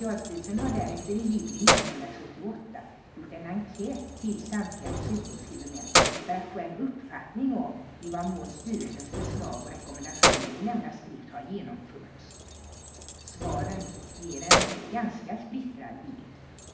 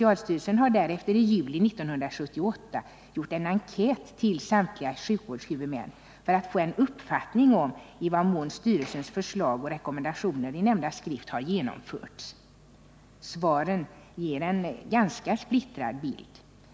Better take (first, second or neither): second